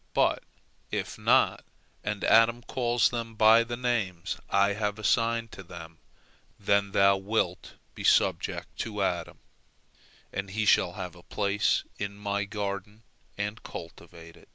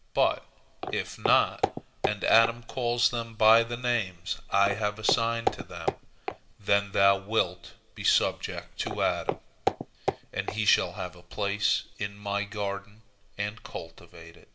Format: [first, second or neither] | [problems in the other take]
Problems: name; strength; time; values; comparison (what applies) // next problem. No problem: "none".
first | background sound (Walk, footsteps); 6 dB below the speech // room echo; dies away in 0.4 s